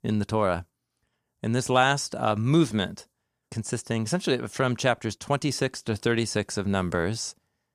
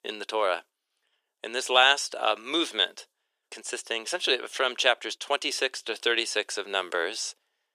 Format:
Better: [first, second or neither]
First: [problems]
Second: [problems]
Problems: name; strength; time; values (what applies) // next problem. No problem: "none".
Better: first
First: none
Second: thin; very; fading below 350 Hz